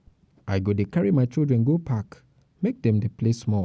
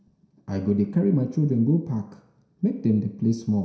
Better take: first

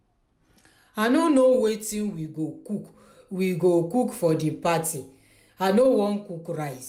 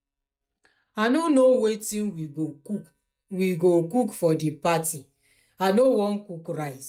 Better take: first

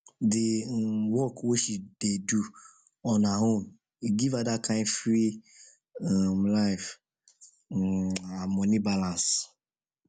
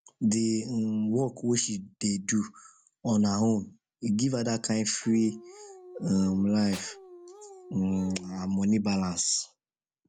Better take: first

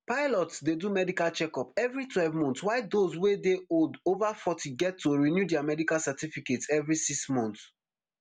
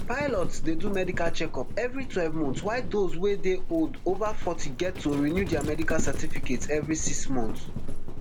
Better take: first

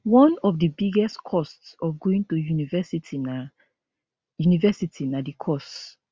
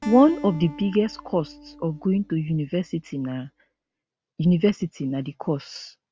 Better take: first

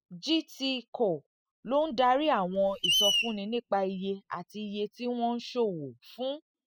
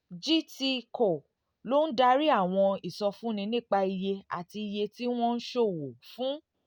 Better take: second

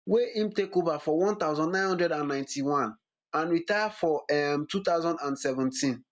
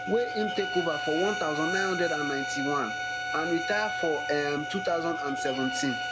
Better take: first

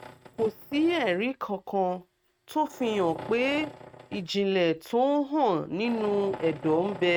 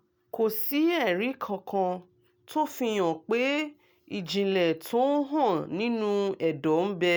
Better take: second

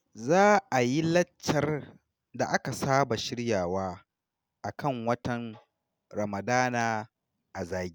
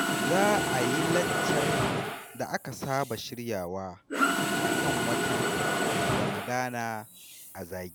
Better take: first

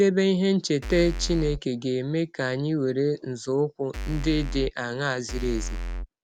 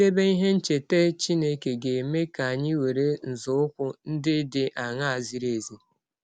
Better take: second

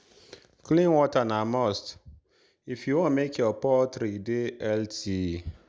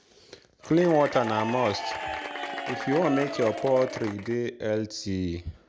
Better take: first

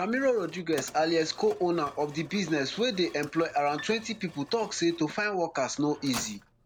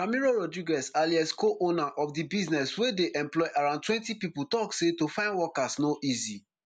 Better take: second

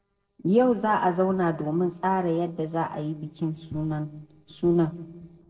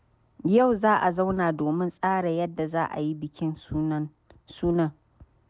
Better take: second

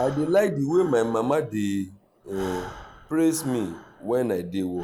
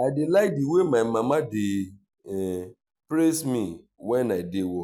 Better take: second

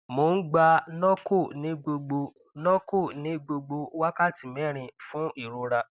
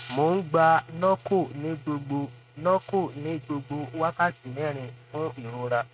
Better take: first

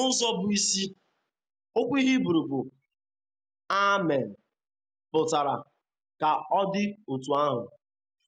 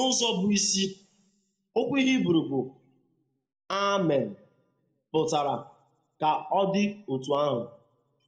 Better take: first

